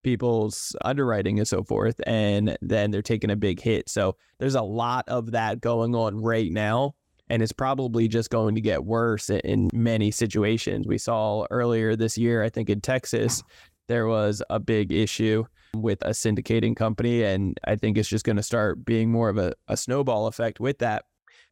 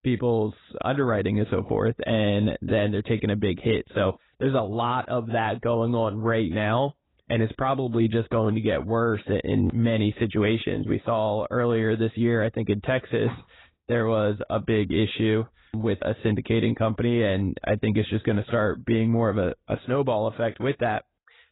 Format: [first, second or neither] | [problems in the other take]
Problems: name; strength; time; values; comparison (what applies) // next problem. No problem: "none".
first | garbled, watery; badly; nothing above 4 kHz